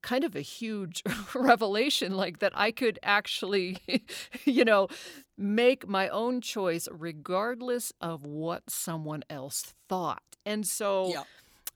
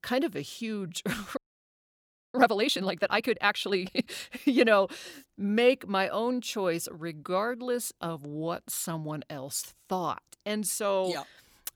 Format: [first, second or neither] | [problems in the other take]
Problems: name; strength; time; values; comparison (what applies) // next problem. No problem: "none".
first | audio freezing; at 1.5 s for 1 s